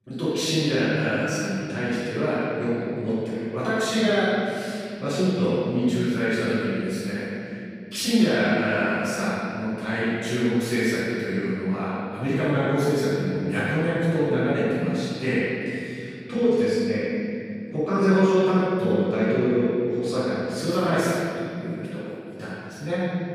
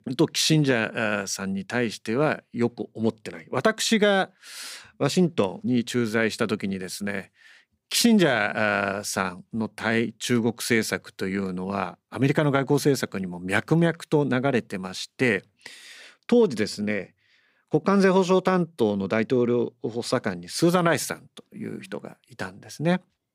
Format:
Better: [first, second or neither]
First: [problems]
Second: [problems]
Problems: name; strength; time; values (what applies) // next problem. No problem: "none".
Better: second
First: room echo; strong; dies away in 2.9 s // off-mic speech; far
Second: none